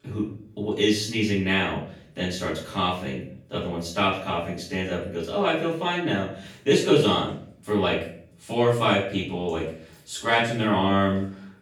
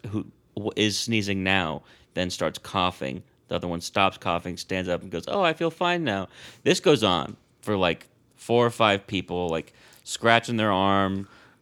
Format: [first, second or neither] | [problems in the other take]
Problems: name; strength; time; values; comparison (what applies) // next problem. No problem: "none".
second | off-mic speech; far // room echo; noticeable; dies away in 0.5 s